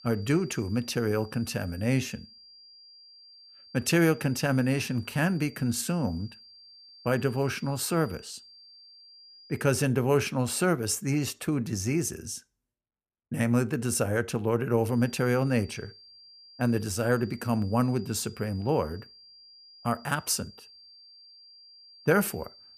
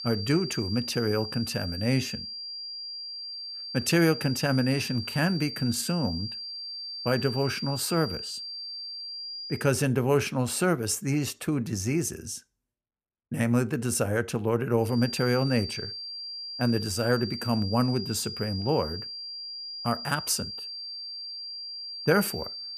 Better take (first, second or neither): first